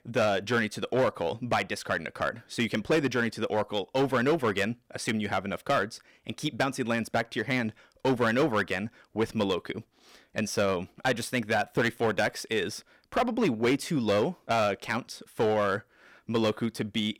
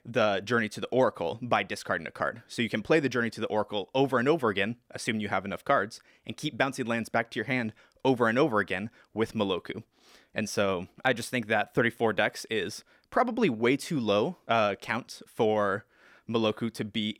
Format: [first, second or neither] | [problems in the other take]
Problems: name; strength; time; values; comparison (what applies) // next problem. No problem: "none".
second | distortion; slight; 5% of the sound clipped